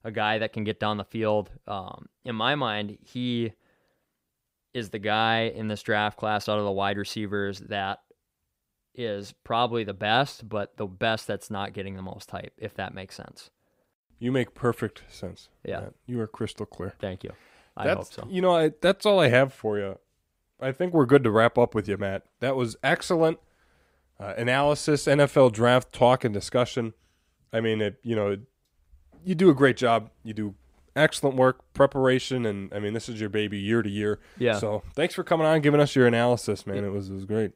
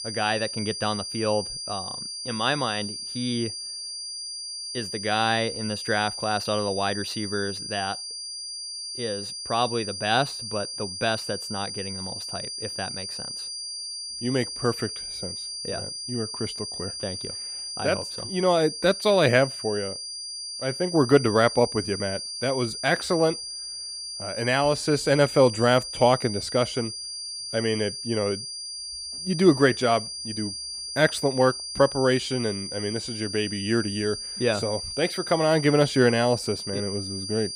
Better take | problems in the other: first | high-pitched whine; loud; throughout; 5 kHz, 7 dB below the speech

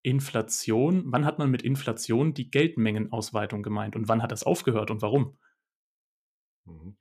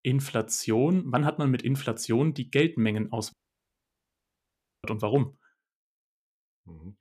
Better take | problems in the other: first | audio cutting out; at 3.5 s for 1.5 s

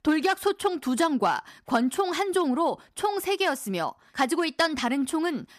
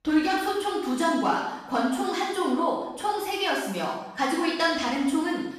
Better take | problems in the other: first | room echo; strong; dies away in 0.8 s // off-mic speech; far

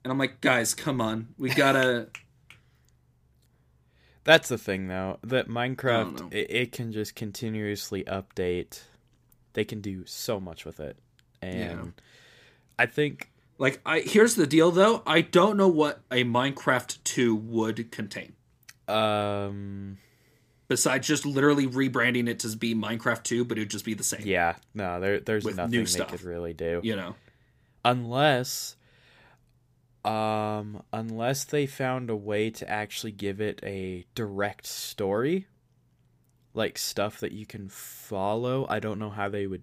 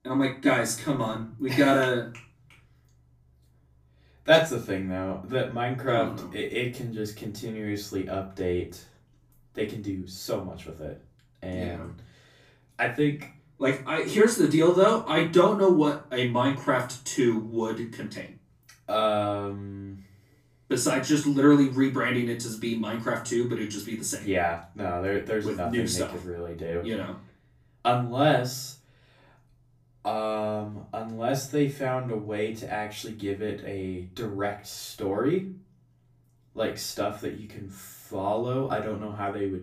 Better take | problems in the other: first | off-mic speech; far // room echo; slight; dies away in 0.3 s

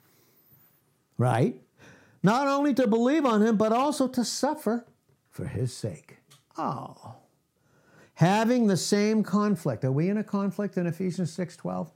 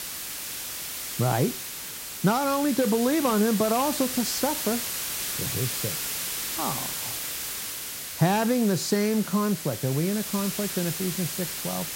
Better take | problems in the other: first | hiss; loud; throughout; 4 dB below the speech

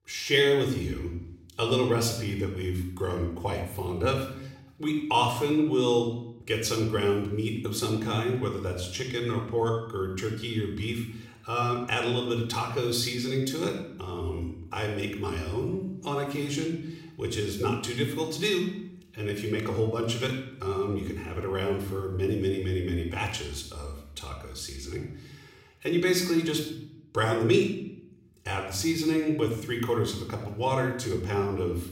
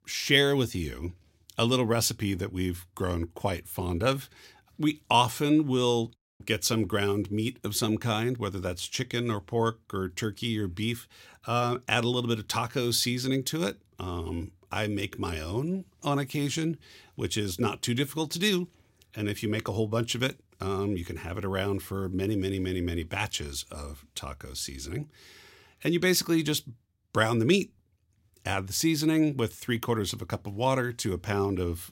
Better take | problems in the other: second | off-mic speech; somewhat distant // room echo; noticeable; dies away in 0.7 s

